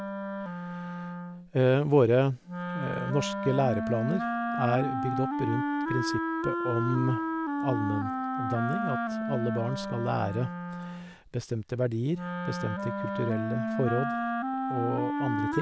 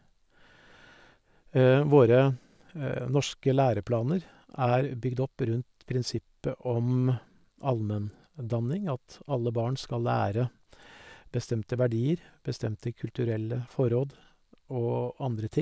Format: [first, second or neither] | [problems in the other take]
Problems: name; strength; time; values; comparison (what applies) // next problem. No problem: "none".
second | background sound (Wind instrument, woodwind instrument); 2 dB below the speech